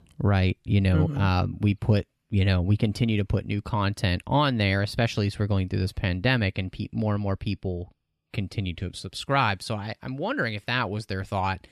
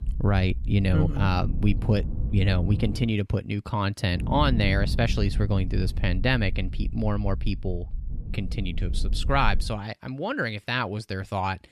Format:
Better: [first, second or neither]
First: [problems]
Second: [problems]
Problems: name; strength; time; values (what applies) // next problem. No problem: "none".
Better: first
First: none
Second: low rumble; noticeable; until 3 s and from 4 to 9.5 s; 15 dB below the speech